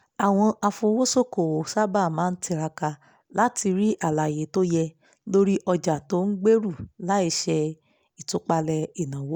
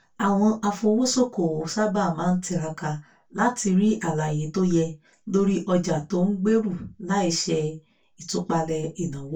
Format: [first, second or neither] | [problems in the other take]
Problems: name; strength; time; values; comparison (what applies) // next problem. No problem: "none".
first | room echo; dies away in 0.2 s